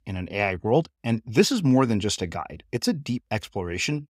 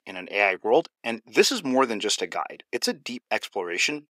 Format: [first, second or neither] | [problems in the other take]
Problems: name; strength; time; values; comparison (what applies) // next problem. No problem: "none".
first | thin; somewhat; fading below 350 Hz